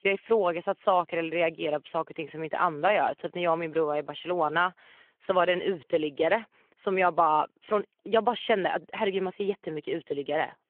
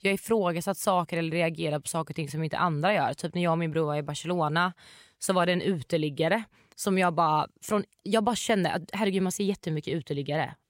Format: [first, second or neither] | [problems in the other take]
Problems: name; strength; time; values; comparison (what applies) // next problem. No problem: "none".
second | phone-call audio